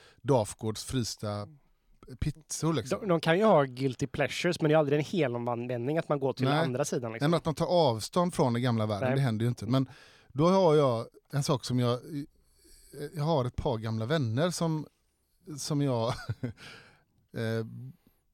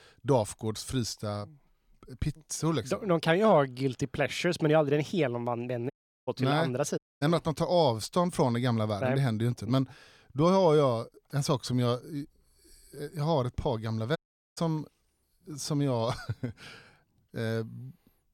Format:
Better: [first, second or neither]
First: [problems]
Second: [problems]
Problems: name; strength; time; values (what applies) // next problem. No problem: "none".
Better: first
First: none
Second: audio cutting out; at 6 s, at 7 s and at 14 s